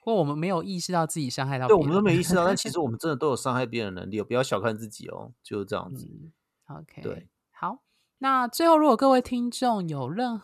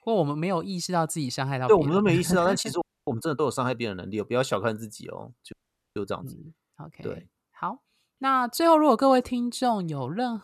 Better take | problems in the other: first | audio freezing; at 3 s and at 5.5 s

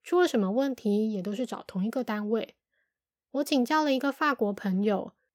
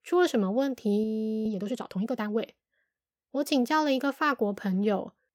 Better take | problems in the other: first | audio freezing; at 1 s

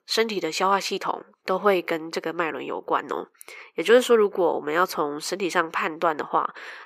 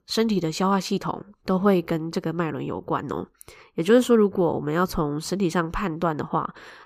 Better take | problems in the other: second | thin; somewhat; fading below 450 Hz

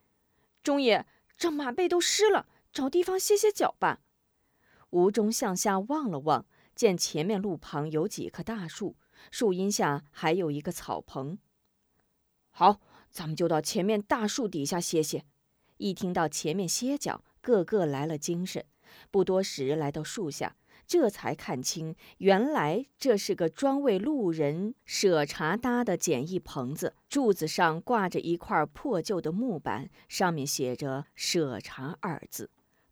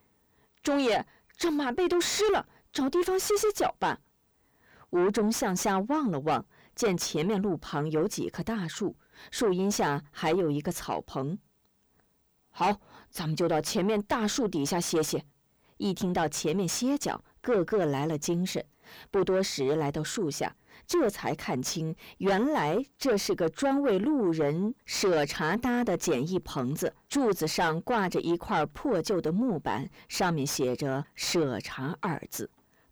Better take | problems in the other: first | distortion; heavy; 7 dB below the speech

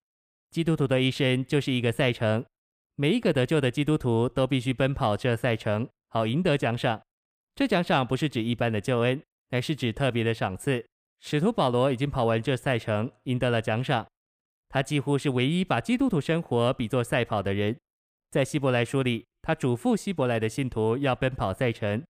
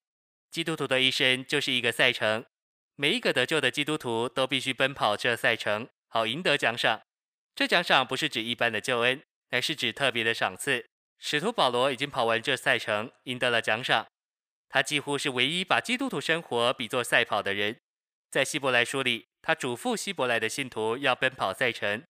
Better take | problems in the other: first | thin; somewhat; fading below 1 kHz

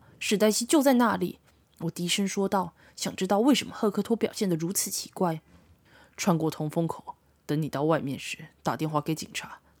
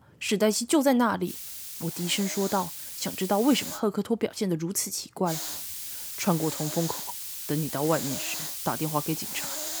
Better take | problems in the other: first | hiss; loud; from 1.5 to 4 s and from 5.5 s on; 4 dB below the speech

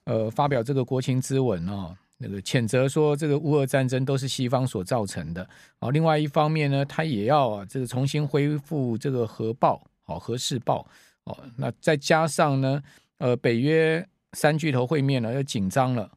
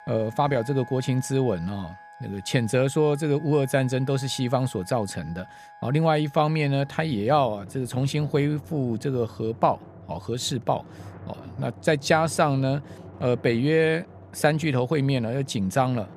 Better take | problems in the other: first | background music; faint; throughout; 20 dB below the speech

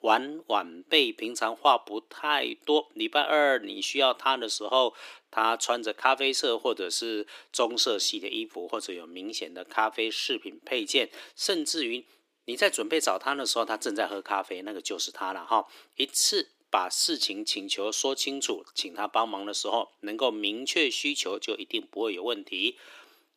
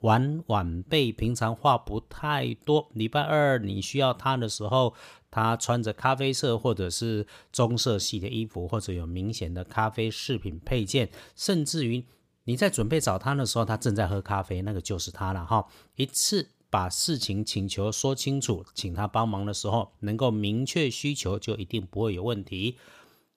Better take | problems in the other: second | thin; somewhat; fading below 300 Hz

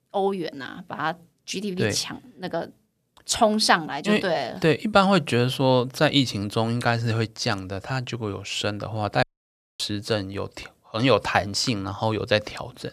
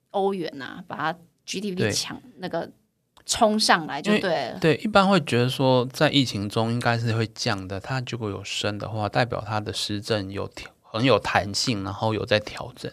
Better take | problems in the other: second | audio cutting out; at 9 s for 0.5 s

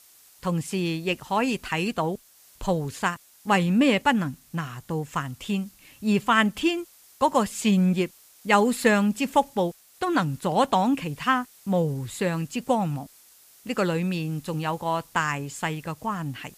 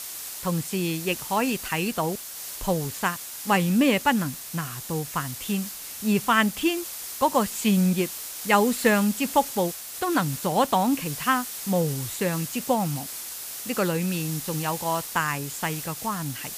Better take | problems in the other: first | hiss; loud; throughout; 8 dB below the speech; faint in the first

